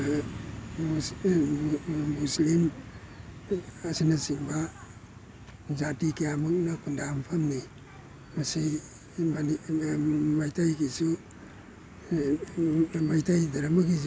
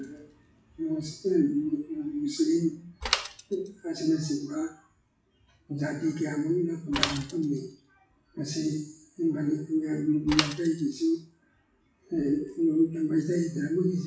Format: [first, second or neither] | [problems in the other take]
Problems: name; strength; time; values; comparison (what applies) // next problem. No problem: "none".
first | noise reduction (classical method WPE with log-MMSE)